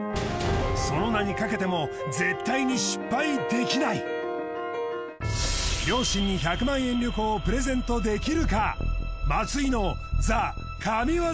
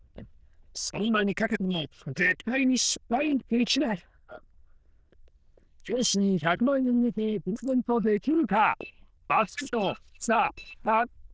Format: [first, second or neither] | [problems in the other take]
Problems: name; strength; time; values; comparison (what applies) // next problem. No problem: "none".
first | noise reduction (neural diffusion model UNIVERSE++)